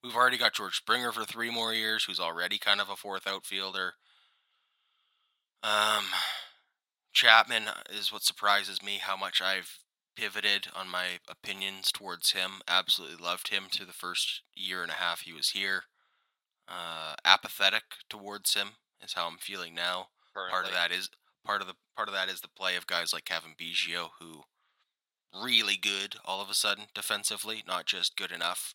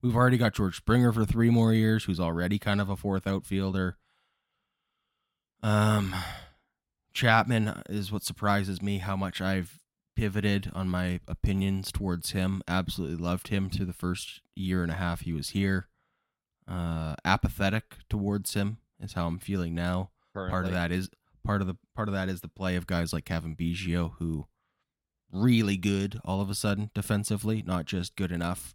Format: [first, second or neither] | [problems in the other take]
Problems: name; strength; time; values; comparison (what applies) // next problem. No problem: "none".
second | thin; very; fading below 900 Hz